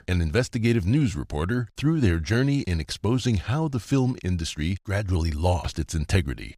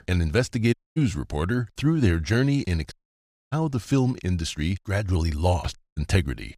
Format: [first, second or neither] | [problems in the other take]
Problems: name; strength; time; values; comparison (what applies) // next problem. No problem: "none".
first | audio cutting out; at 0.5 s, at 3 s for 0.5 s and at 6 s